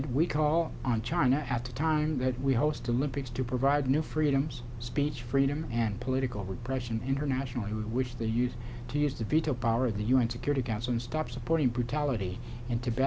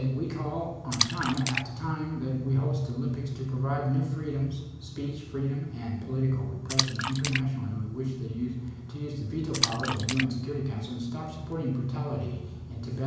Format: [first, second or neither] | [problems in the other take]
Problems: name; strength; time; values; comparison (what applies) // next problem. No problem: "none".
first | background sound (Splash, splatter); 4 dB below the speech // room echo; dies away in 1 s